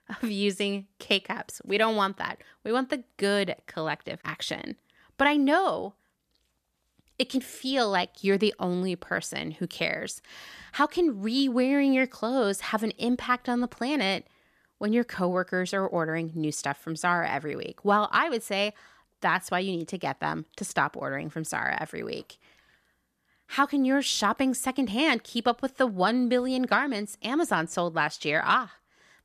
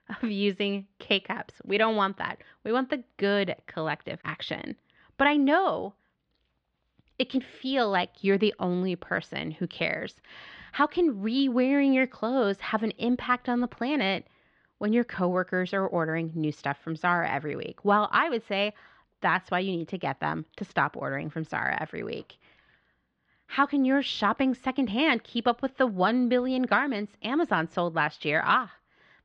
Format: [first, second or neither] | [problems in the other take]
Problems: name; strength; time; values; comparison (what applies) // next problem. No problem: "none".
first | muffled; slightly; fading above 3.5 kHz